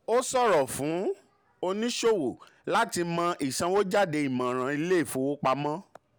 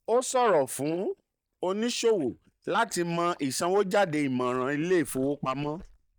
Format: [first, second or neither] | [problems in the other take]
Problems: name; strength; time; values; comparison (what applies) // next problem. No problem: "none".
first | noise reduction (neural mask model DeepFilterNet 3)